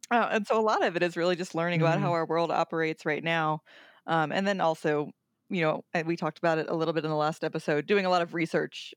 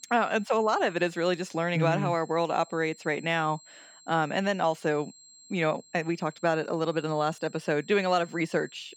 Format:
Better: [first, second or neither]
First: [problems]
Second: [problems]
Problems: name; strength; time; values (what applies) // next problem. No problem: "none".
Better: first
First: none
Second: high-pitched whine; faint; throughout; 7.5 kHz, 25 dB below the speech